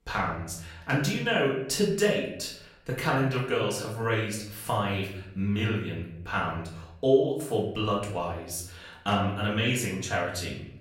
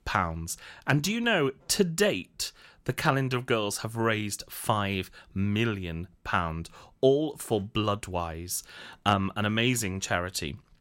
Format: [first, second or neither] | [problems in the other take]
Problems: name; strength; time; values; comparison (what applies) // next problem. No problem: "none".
second | room echo; noticeable; dies away in 0.7 s // off-mic speech; far